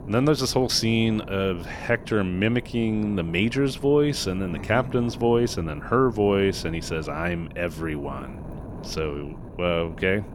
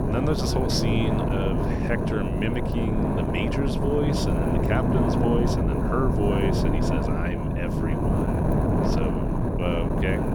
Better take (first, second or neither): first